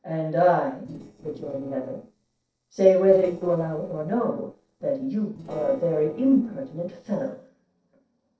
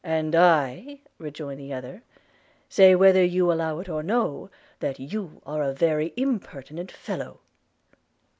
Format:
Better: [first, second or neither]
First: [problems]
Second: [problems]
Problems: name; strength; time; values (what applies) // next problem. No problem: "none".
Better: second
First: noise reduction (neural separator model SepFormer DNS4)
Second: none